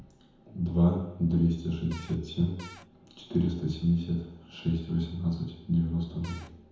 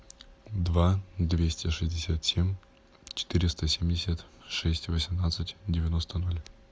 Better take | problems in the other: second | background sound (Cupboard open or close / Door); 19 dB below the speech // room echo; dies away in 1 s

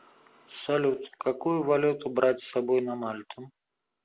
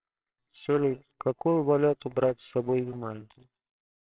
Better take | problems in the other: first | noise reduction (neural separator model SepFormer WHAMR!)

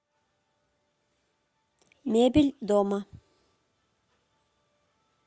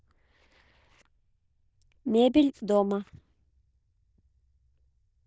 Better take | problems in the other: first | noise reduction (neural diffusion model UNIVERSE++)

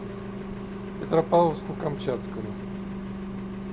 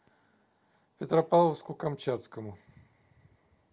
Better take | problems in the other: second | background sound (Engine); 5 dB below the speech

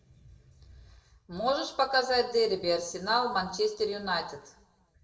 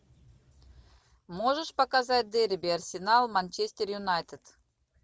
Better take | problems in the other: second | room echo; dies away in 0.6 s

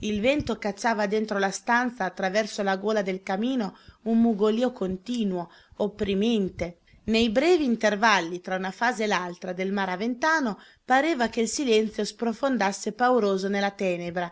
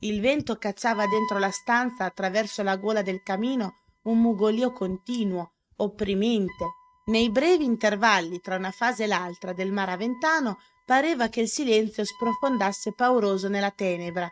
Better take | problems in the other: first | noise reduction (neural mask model RNNoise)

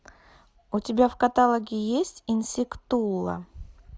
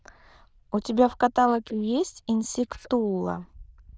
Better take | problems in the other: first | noise reduction (neural diffusion model UNIVERSE++)

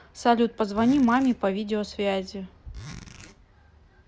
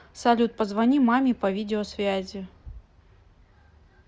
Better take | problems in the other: second | background sound (Zipper (clothing)); 18 dB below the speech

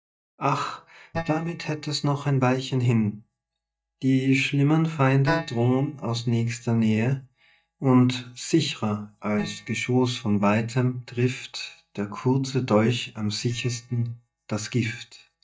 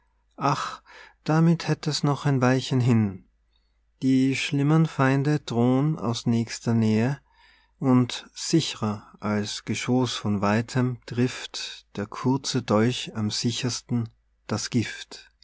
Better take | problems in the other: second | noise reduction (neural mask model DeepFilterNet 3)

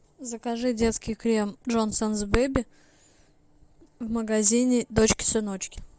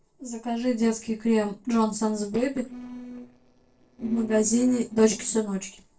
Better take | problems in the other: first | noise reduction (neural separator model SepFormer DNS4)

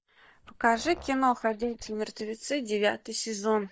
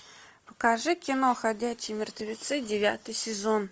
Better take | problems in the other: second | noise reduction (neural mask model DeepFilterNet 3)

